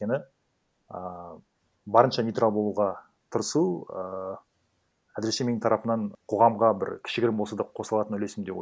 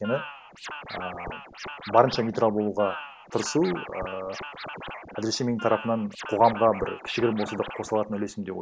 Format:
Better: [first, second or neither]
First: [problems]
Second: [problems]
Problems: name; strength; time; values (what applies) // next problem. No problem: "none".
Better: first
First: none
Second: background sound (Scratching (performance technique)); 12 dB below the speech